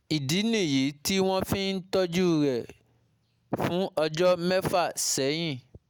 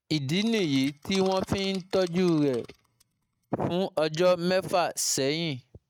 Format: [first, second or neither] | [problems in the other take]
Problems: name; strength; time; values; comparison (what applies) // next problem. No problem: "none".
first | noise reduction (neural mask model RNNoise)